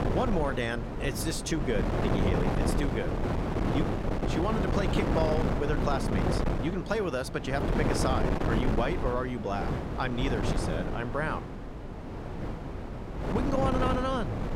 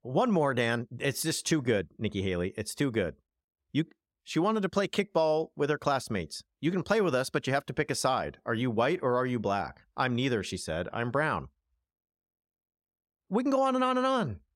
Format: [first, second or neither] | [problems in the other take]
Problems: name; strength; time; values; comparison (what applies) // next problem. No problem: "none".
second | wind noise on the microphone; heavy; 2 dB below the speech